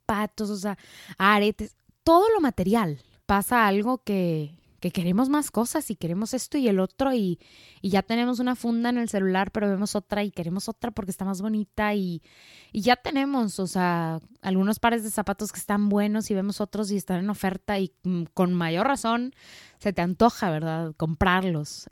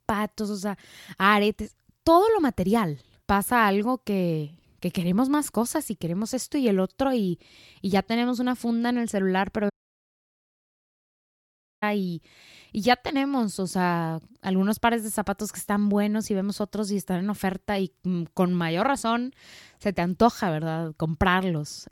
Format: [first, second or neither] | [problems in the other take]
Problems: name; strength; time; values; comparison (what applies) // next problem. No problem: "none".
first | audio cutting out; at 9.5 s for 2 s